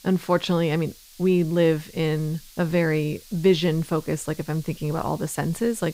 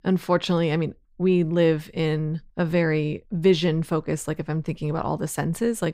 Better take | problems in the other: second | hiss; faint; throughout; 20 dB below the speech

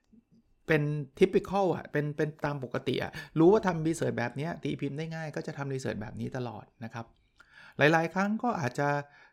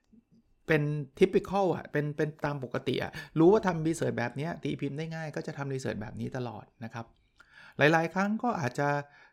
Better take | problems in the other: neither | none

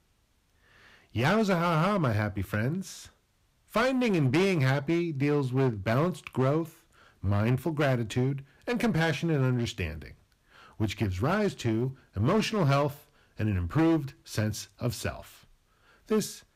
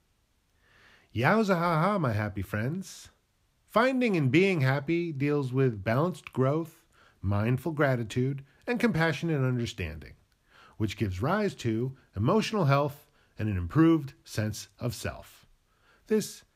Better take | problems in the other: second | distortion; slight; 9% of the sound clipped

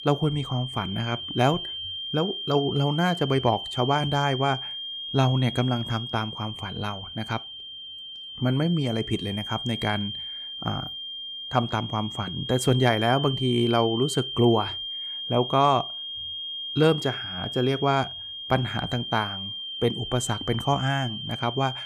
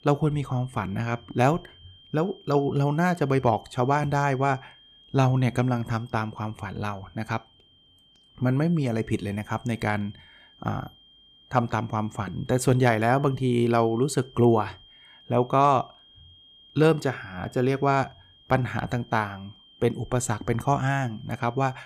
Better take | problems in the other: second | high-pitched whine; loud; throughout; 3 kHz, 6 dB below the speech; faint in the second

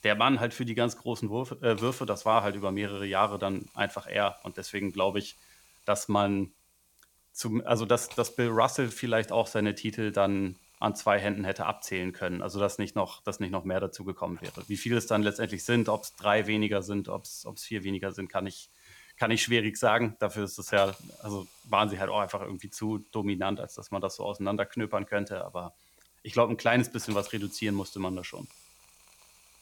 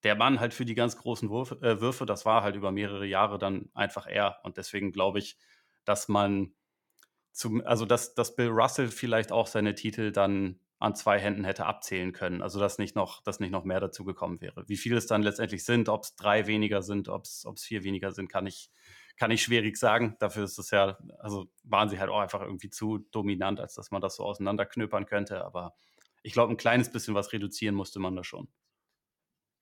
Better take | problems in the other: second | hiss; faint; throughout; 25 dB below the speech

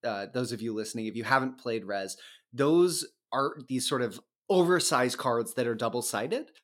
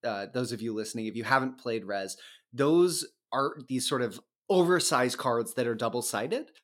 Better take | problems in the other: neither | none

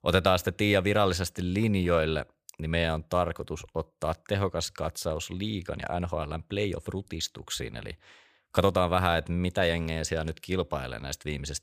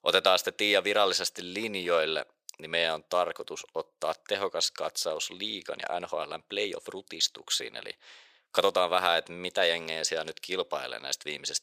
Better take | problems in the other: first | thin; very; fading below 450 Hz

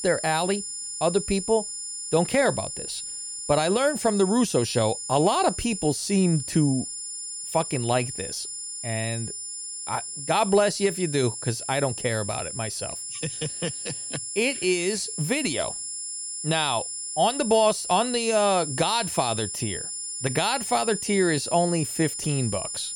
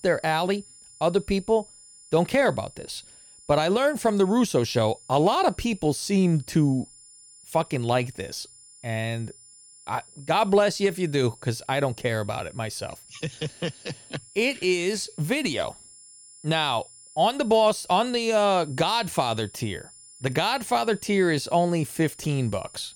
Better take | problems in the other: second | high-pitched whine; loud; throughout; 9.5 kHz, 6 dB below the speech; faint in the second

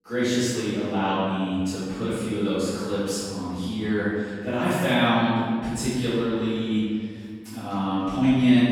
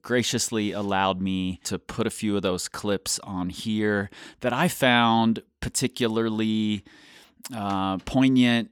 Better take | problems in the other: second | off-mic speech; far // room echo; strong; dies away in 1.9 s

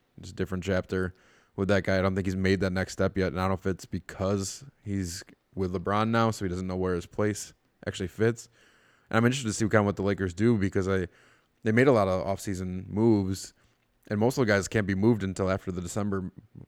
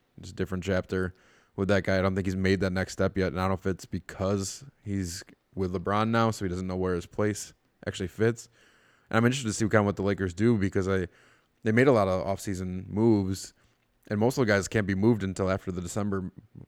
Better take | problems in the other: neither | none

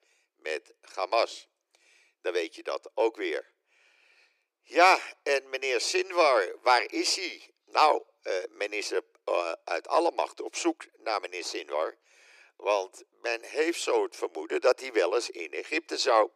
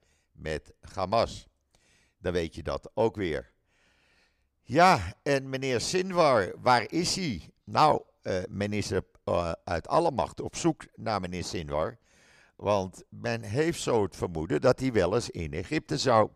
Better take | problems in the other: second | thin; very; fading below 350 Hz

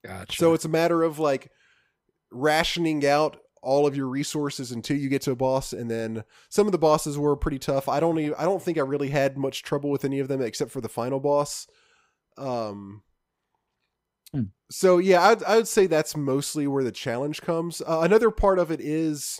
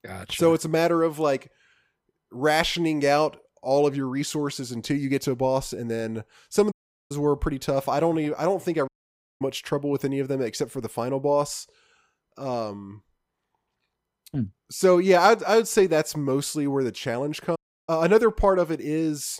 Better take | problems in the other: first | audio cutting out; at 6.5 s, at 9 s for 0.5 s and at 18 s

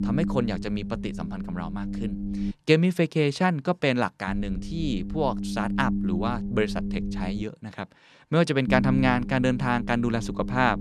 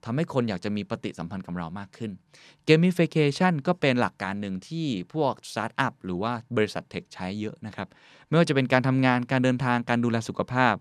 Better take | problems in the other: second | low rumble; noticeable; until 2.5 s, from 4.5 to 7.5 s and from 8.5 s on; 10 dB below the speech

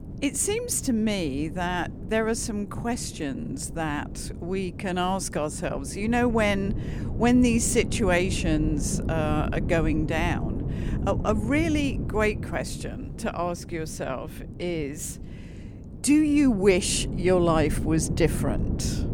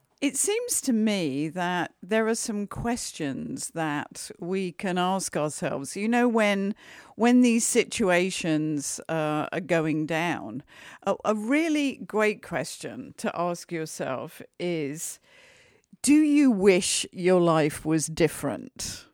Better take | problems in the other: second | wind noise on the microphone; occasional gusts; 15 dB below the speech

